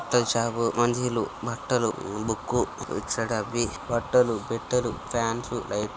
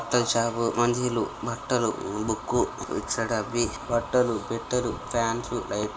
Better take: first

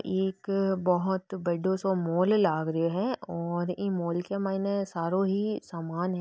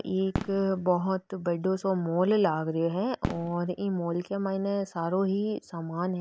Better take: first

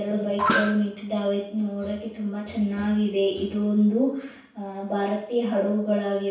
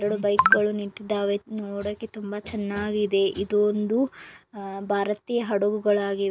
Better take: second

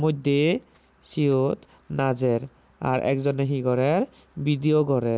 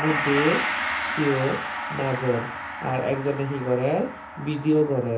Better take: first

